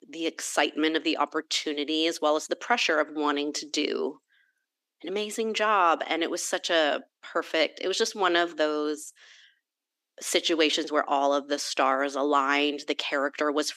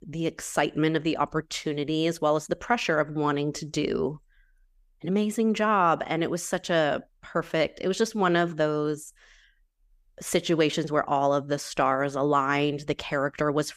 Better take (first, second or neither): second